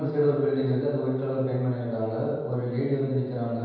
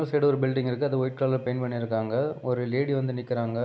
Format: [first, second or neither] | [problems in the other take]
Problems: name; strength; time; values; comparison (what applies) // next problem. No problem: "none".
second | room echo; dies away in 1.2 s